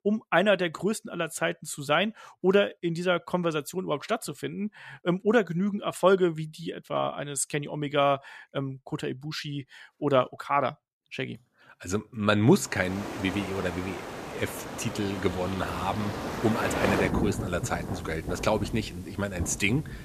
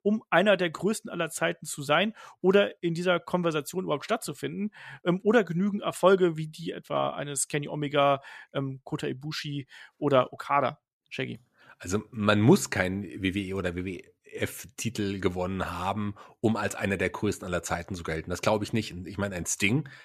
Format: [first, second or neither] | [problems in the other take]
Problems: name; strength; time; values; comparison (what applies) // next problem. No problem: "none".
second | rain or running water; loud; from 13 s on; 6 dB below the speech